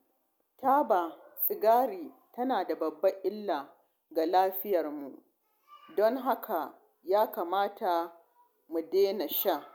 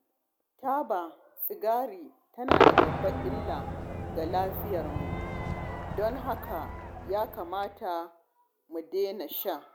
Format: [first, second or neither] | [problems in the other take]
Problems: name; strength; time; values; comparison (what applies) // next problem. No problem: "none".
first | background sound (Crowd / Cheering / Fireworks); 2 dB above the speech